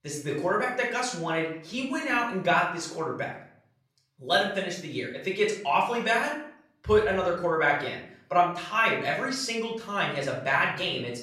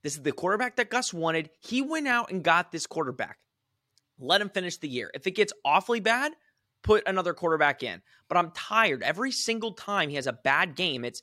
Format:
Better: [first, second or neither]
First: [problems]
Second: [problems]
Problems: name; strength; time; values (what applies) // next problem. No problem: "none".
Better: second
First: off-mic speech; far // room echo; noticeable; dies away in 0.5 s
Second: none